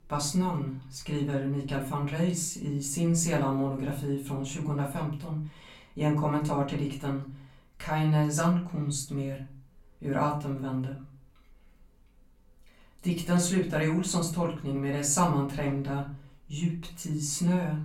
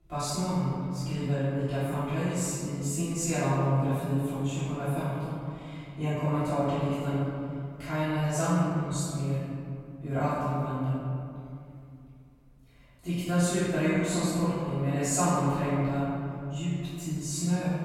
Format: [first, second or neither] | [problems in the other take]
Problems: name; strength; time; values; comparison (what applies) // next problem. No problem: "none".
first | room echo; strong; dies away in 2.4 s; slight in the first // off-mic speech; far; far in the first